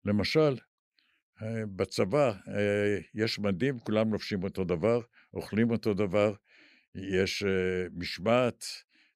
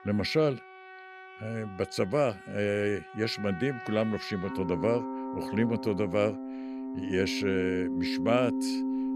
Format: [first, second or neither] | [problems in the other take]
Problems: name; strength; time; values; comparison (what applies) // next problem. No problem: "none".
first | background music; loud; throughout; 6 dB below the speech